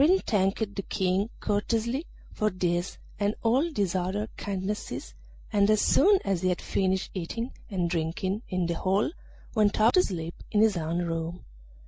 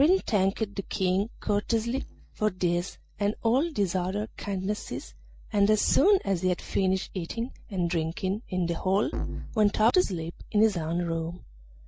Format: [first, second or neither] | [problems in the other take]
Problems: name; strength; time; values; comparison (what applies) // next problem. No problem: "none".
first | noise reduction (neural mask model DeepFilterNet 3)